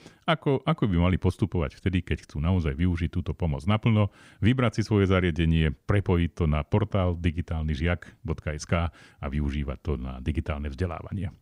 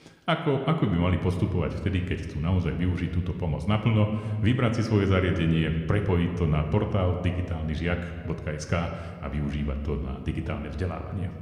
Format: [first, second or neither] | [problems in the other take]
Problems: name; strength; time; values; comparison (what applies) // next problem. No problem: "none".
first | room echo; slight; dies away in 1.4 s